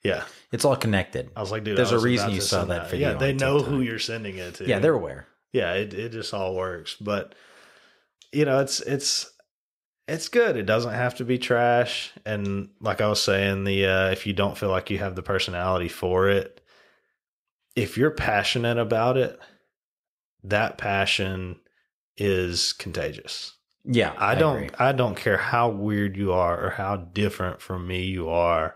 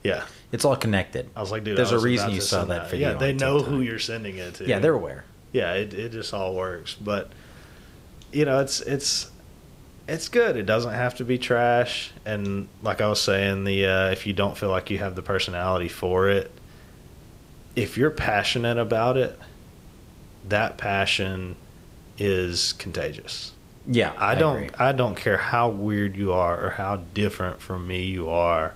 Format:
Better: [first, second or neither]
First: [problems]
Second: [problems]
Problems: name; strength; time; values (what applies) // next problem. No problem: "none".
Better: first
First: none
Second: hiss; faint; throughout; 25 dB below the speech